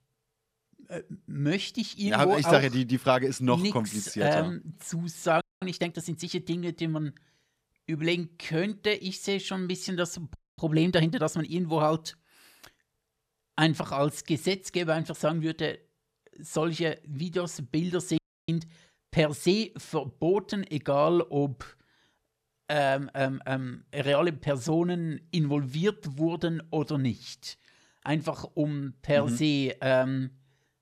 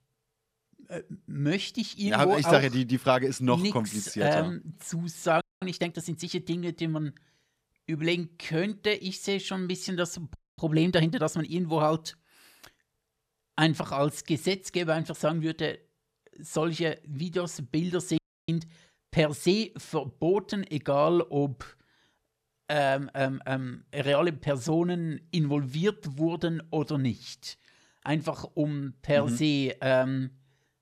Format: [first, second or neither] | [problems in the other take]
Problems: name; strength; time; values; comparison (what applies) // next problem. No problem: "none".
neither | audio freezing; at 5.5 s, at 10 s and at 18 s; the same in both